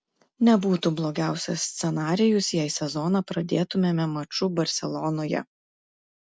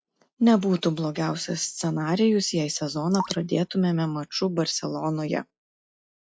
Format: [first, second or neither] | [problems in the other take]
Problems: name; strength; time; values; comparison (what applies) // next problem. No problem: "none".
first | noise reduction (classical method log-MMSE)